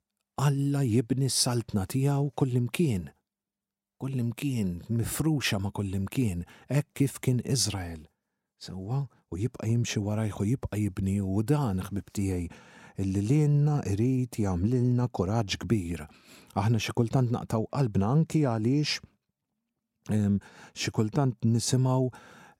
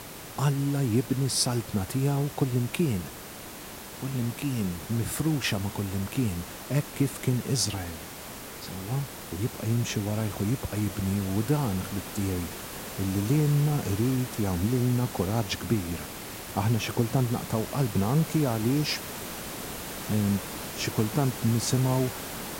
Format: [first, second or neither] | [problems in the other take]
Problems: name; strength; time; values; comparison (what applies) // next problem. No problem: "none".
first | hiss; loud; throughout; 9 dB below the speech